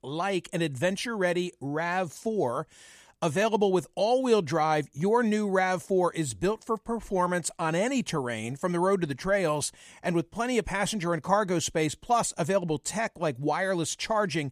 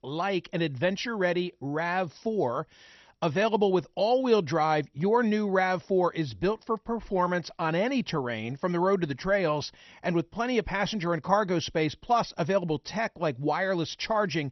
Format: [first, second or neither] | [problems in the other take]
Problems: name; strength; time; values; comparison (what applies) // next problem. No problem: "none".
first | garbled, watery; slightly; nothing above 6 kHz